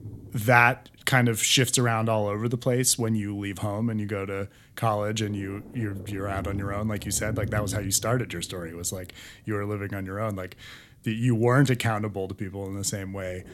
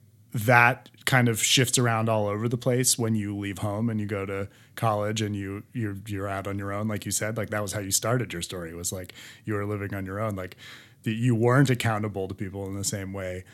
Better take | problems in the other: second | low rumble; faint; throughout; 20 dB below the speech

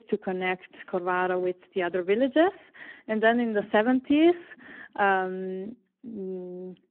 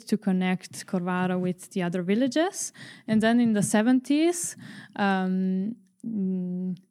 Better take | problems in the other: second | phone-call audio; poor line

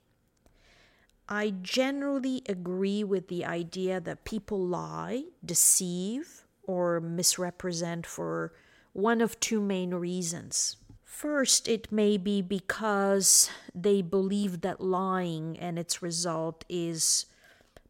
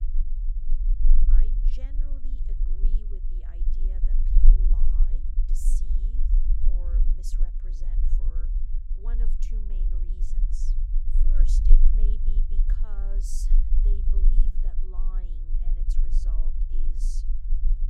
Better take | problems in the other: first | low rumble; loud; throughout; as loud as the speech

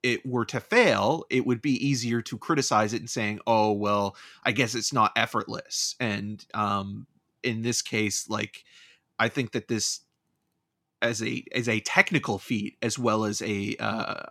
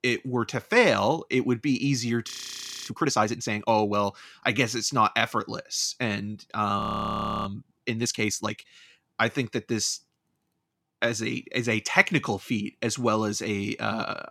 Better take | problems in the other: first | audio freezing; at 2.5 s for 0.5 s and at 7 s for 0.5 s

